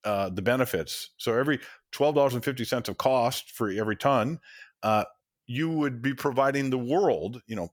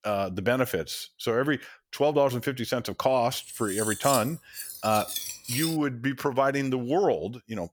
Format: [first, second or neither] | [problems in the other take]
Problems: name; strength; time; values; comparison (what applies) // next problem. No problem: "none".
first | clattering dishes; noticeable; from 3.5 to 6 s; peak 2 dB below the speech